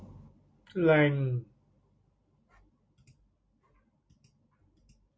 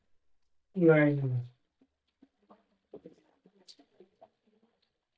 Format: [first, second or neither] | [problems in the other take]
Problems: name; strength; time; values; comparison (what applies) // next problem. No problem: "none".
first | noise reduction (neural mask model DeepFilterNet 3)